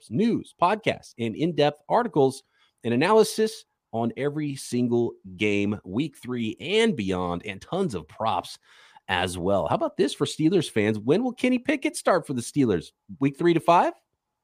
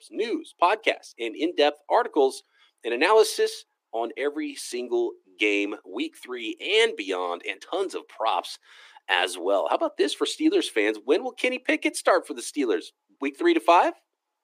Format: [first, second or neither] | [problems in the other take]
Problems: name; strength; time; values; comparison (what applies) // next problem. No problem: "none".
first | thin; somewhat; fading below 300 Hz